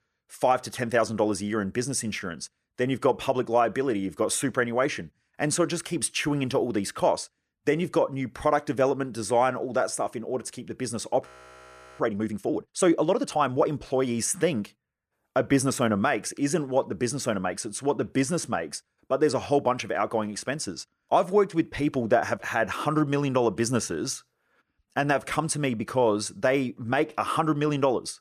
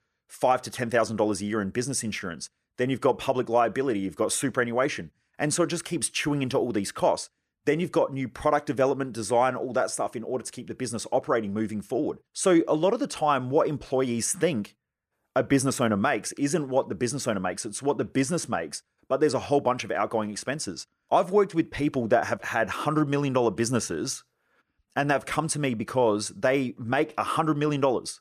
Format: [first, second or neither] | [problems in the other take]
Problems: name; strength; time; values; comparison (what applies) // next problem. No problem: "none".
second | audio freezing; at 11 s for 0.5 s